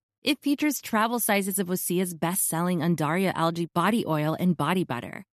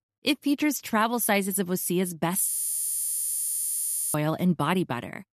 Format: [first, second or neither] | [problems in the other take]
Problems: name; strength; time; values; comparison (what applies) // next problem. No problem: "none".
first | audio freezing; at 2.5 s for 1.5 s